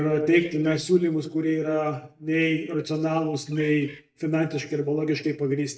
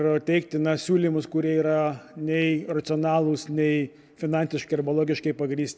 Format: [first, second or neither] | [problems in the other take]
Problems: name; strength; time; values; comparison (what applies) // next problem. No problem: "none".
second | noise reduction (neural mask model DeepFilterNet 3)